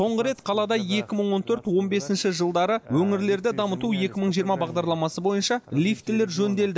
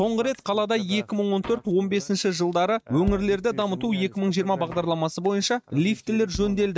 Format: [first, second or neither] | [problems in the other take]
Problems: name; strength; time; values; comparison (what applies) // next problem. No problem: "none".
first | noise reduction (neural mask model RNNoise)